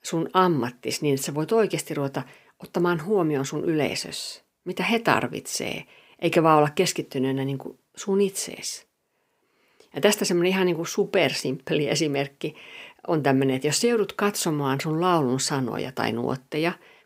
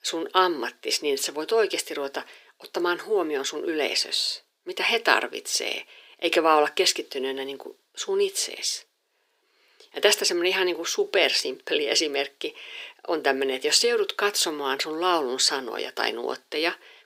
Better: first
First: none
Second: thin; somewhat; fading below 350 Hz

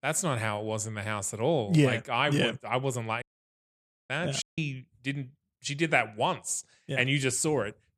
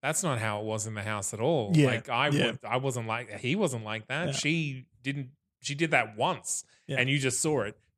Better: second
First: audio cutting out; at 3 s for 1 s and at 4.5 s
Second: none

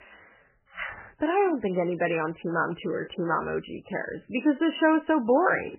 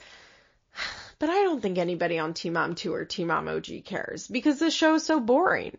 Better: second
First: garbled, watery; badly; nothing above 3 kHz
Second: garbled, watery; slightly; nothing above 6 kHz

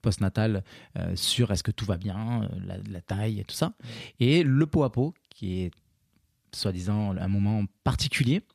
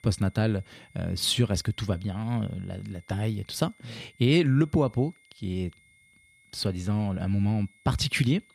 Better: first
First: none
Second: high-pitched whine; faint; throughout; 2 kHz, 30 dB below the speech

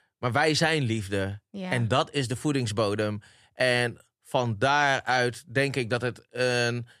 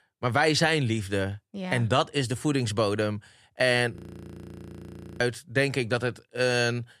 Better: first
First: none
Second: audio freezing; at 4 s for 1.5 s

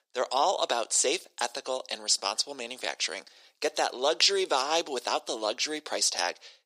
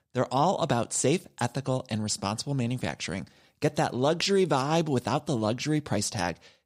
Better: second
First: thin; very; fading below 400 Hz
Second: none

